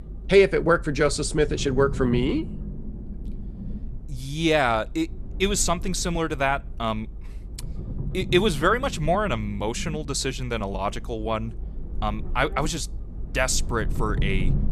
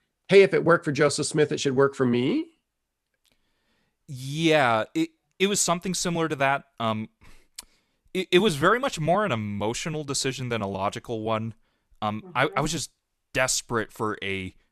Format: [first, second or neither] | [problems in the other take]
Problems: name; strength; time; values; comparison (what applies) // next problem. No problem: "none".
second | low rumble; faint; throughout; 20 dB below the speech